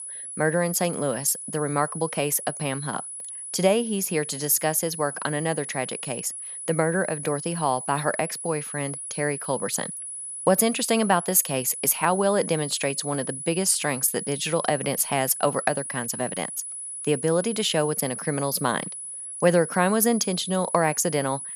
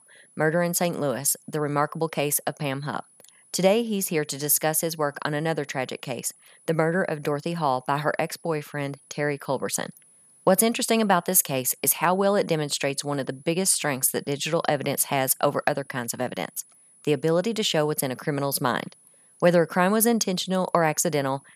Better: second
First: high-pitched whine; loud; throughout; 10 kHz, 8 dB below the speech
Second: high-pitched whine; faint; throughout; 10 kHz, 30 dB below the speech

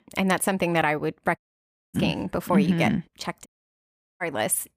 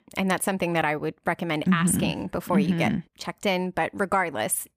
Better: second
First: audio cutting out; at 1.5 s for 0.5 s and at 3.5 s for 0.5 s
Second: none

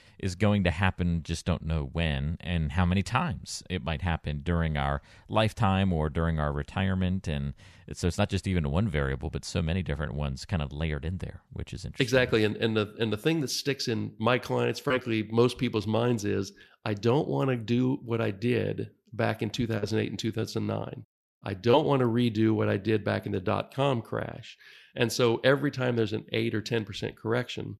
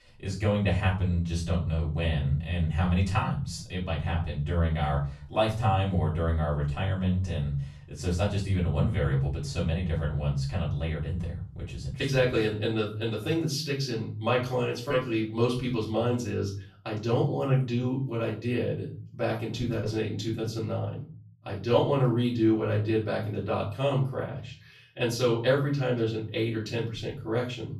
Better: first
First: none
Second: off-mic speech; far // room echo; slight; dies away in 0.4 s

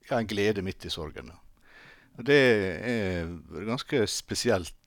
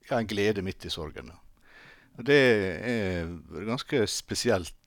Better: neither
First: none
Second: none

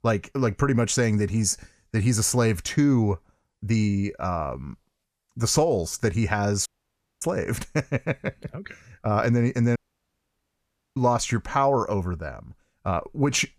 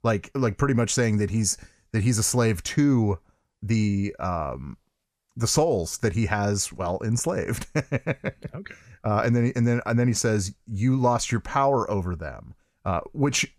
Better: second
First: audio cutting out; at 6.5 s for 0.5 s and at 10 s for 1 s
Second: none

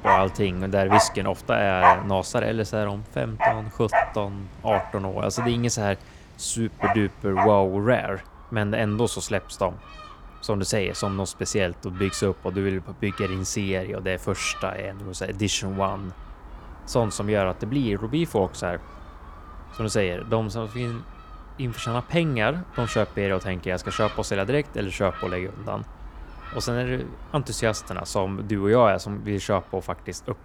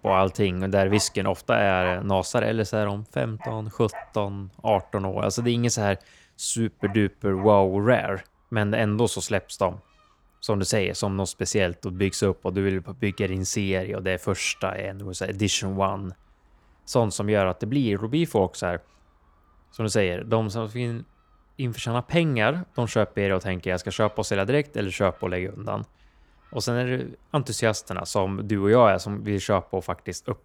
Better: second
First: animal sounds; loud; throughout; 3 dB below the speech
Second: animal sounds; faint; throughout; 20 dB below the speech

